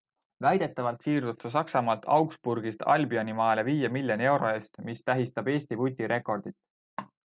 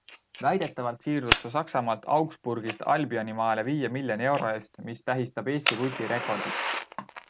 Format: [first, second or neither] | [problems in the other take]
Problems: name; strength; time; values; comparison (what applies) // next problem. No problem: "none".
first | background sound (Fire); 6 dB below the speech